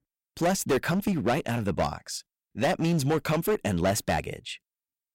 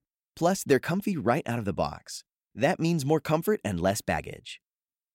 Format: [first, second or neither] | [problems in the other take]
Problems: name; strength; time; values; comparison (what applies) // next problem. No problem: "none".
second | distortion; heavy; 11% of the sound clipped